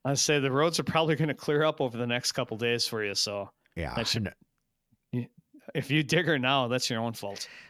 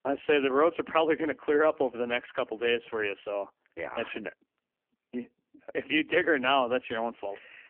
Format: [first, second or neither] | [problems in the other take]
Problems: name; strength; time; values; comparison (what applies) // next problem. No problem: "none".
first | phone-call audio; poor line; nothing above 3 kHz